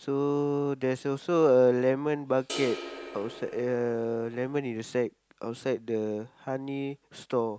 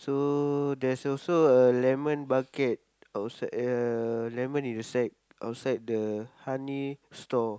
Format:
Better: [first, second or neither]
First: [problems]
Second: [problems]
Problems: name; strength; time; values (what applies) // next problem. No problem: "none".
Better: second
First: background sound (Crash cymbal); 13 dB below the speech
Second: none